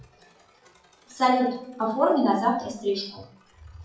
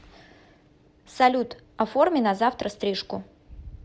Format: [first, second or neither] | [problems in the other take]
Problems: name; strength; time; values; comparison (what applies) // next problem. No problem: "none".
second | noise reduction (classical method WPE with log-MMSE)